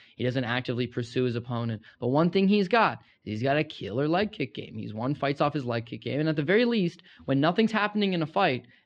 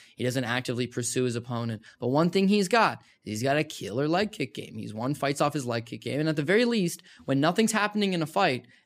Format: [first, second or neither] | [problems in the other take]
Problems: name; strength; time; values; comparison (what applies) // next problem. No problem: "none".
second | muffled; very slightly; fading above 3.5 kHz